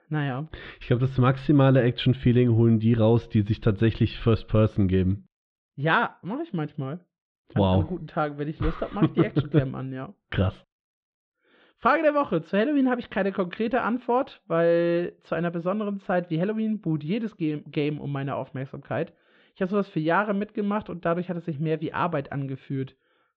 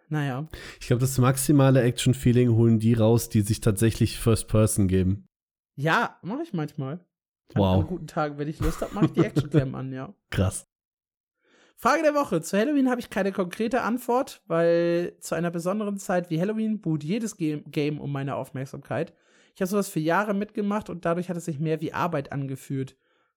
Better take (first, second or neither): second